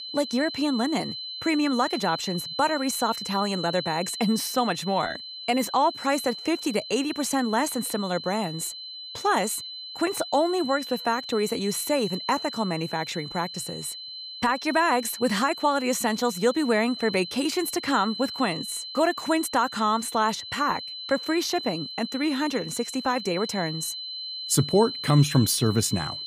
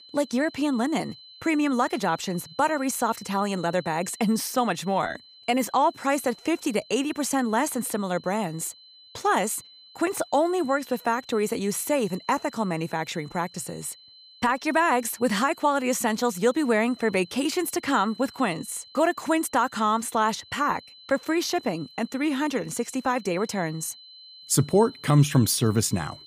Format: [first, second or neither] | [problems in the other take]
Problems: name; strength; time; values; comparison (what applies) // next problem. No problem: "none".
second | high-pitched whine; loud; throughout; 4 kHz, 9 dB below the speech; faint in the second